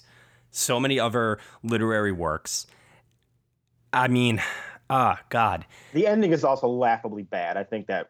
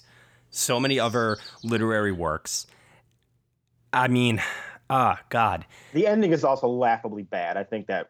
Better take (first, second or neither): first